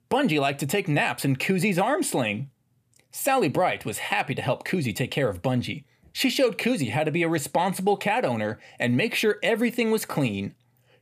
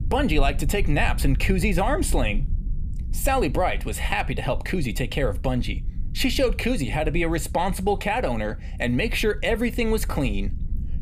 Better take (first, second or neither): first